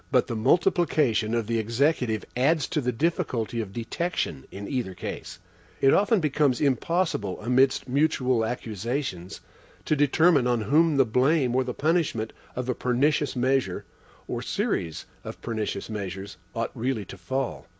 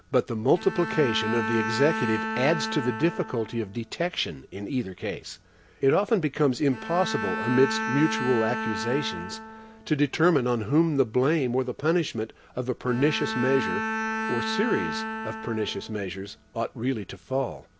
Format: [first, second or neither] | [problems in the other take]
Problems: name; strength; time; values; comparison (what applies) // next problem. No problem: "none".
first | background sound (Bowed string instrument); 7 dB below the speech